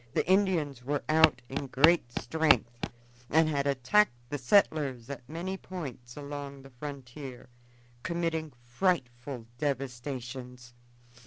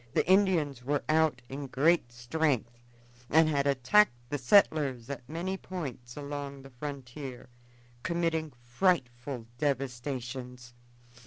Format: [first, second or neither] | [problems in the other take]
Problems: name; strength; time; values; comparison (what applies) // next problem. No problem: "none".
second | background sound (Walk, footsteps); 2 dB above the speech